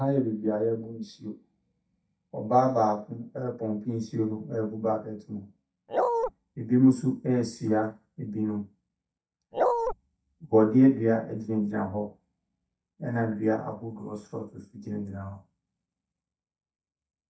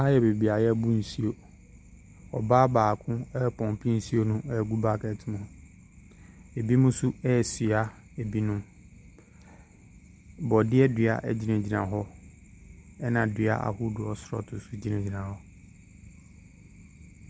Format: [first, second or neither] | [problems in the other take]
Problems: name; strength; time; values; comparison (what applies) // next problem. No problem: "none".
second | noise reduction (neural mask model DeepFilterNet 3)